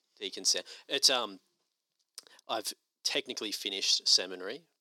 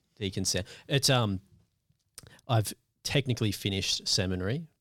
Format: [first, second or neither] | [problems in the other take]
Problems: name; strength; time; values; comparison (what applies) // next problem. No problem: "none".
second | thin; very; fading below 300 Hz